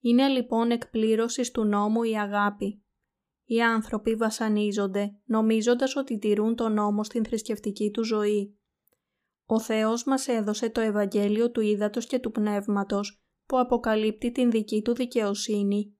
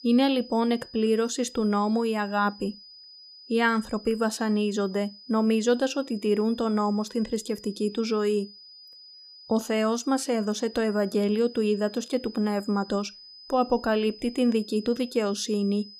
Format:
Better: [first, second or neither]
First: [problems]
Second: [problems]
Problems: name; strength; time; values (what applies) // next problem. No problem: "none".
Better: first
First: none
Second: high-pitched whine; noticeable; throughout; 5 kHz, 20 dB below the speech